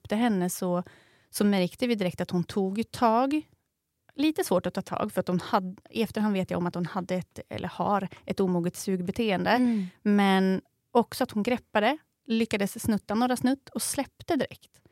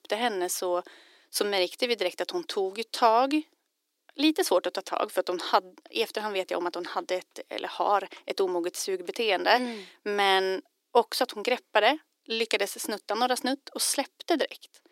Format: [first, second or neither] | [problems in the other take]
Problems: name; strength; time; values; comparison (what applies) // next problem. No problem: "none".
first | thin; somewhat; fading below 300 Hz